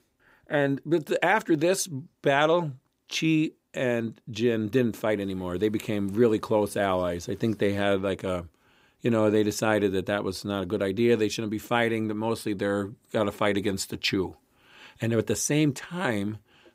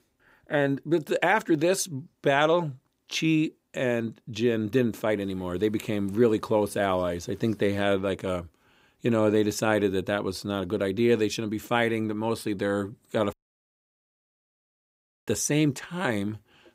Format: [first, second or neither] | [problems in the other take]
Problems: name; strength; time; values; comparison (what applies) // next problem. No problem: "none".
first | audio cutting out; at 13 s for 2 s